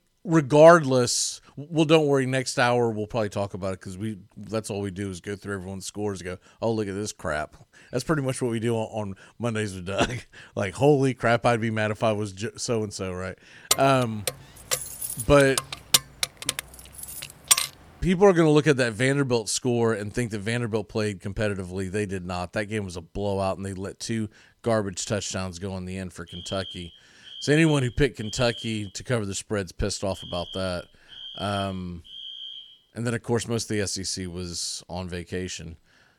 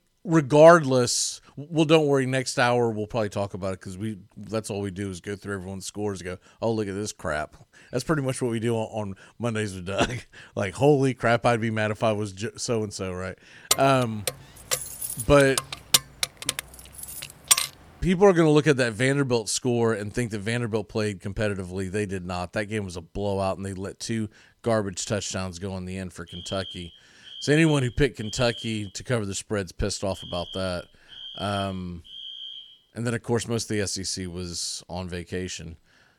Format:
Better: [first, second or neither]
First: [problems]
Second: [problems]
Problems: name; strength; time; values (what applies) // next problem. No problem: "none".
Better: neither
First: jangling keys; loud; from 14 to 18 s; peak 5 dB above the speech // alarm; faint; from 26 to 33 s; peak 10 dB below the speech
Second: jangling keys; loud; from 14 to 18 s; peak 5 dB above the speech // alarm; faint; from 26 to 33 s; peak 10 dB below the speech